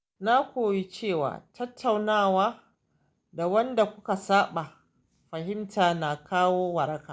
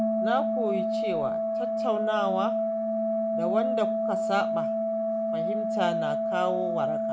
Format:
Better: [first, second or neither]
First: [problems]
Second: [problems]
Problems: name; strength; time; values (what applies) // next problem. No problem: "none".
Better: first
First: none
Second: background sound (Organ); 5 dB above the speech